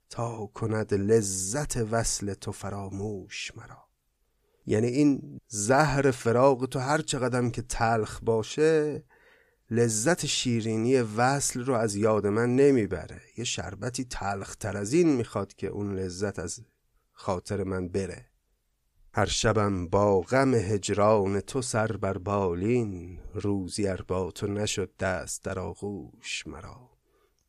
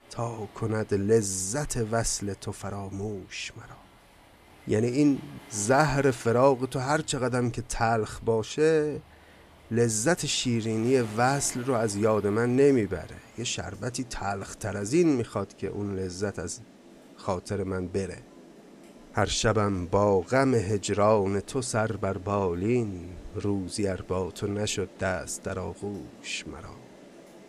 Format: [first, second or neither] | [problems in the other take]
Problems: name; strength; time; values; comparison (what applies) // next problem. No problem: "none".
first | rain or running water; faint; throughout; 25 dB below the speech